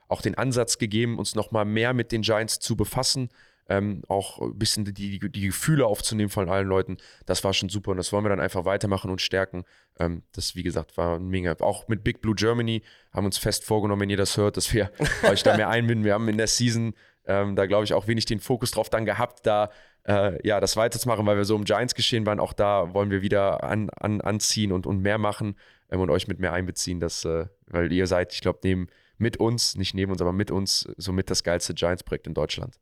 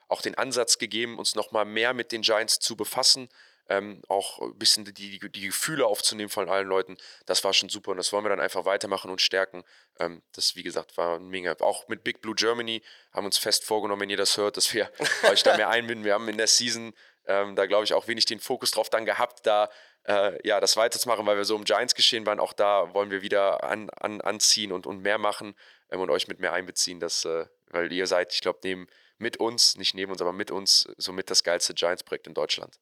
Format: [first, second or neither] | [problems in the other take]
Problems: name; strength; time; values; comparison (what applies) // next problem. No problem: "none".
first | thin; somewhat; fading below 450 Hz